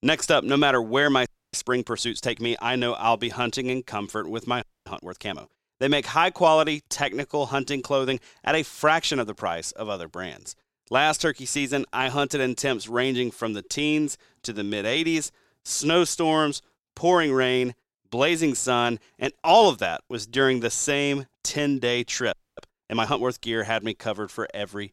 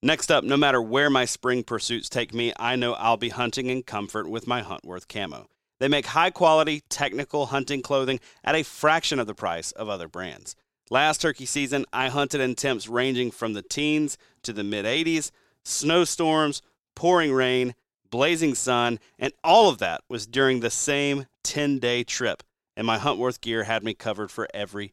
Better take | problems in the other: second | audio freezing; at 1.5 s, at 4.5 s and at 22 s

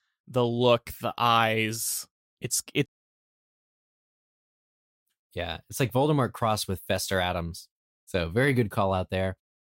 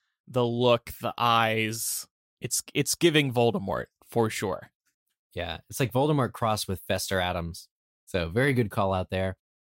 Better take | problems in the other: second | audio cutting out; at 3 s for 2 s

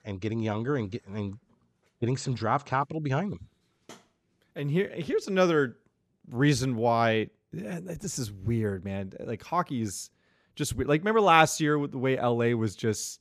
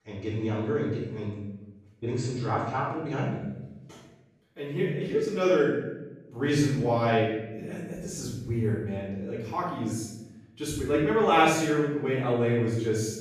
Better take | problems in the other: first | off-mic speech; far // room echo; noticeable; dies away in 0.8 s

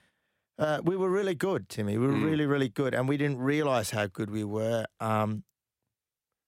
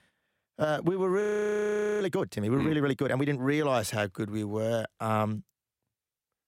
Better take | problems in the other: first | audio freezing; at 1 s for 1 s

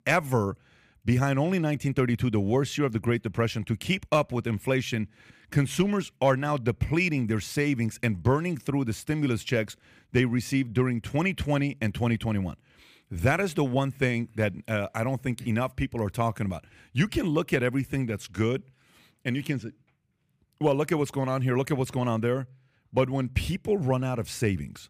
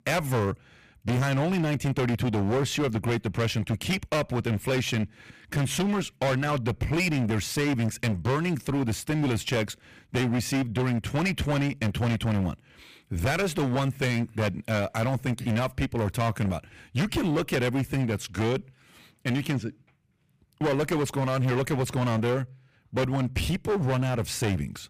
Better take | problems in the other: first | distortion; heavy; 24% of the sound clipped

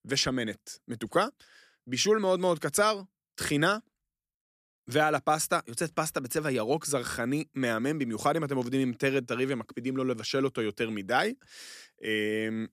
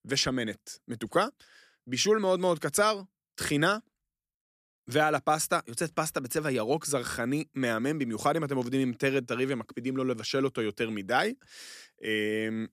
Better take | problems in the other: neither | none

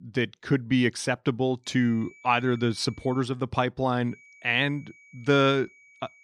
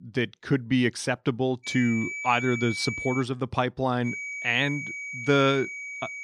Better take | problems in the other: first | high-pitched whine; loud; from 1.5 to 3 s and from 4 s on; 2.5 kHz, 7 dB below the speech; faint in the first

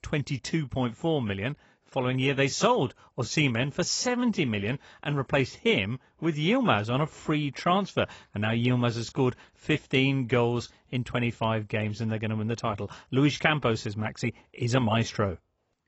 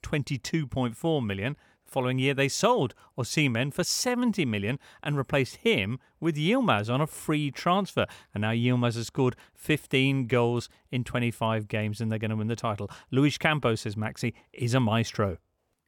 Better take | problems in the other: second | garbled, watery; badly; nothing above 7.5 kHz

